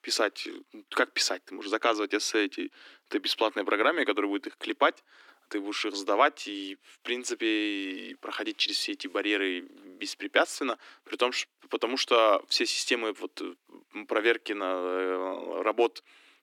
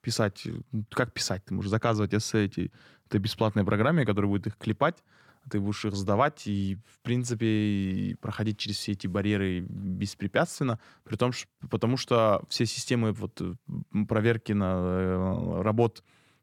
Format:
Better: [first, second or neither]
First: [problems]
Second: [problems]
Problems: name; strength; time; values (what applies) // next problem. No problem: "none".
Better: second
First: thin; somewhat; fading below 300 Hz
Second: none